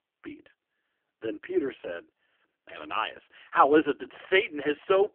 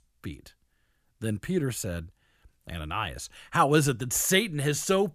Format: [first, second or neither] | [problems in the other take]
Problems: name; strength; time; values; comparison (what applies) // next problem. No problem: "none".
second | phone-call audio; poor line; nothing above 3 kHz